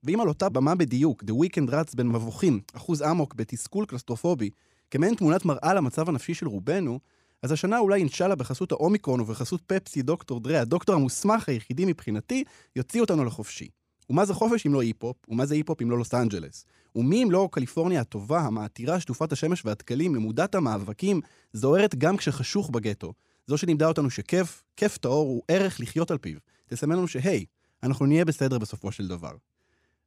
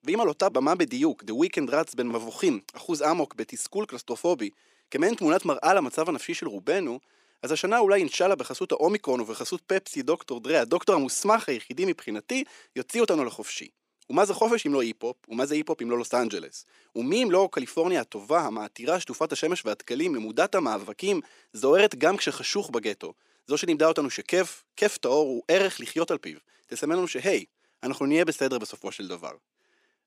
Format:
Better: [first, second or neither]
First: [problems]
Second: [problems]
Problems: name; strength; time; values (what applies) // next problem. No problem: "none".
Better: first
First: none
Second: thin; somewhat; fading below 300 Hz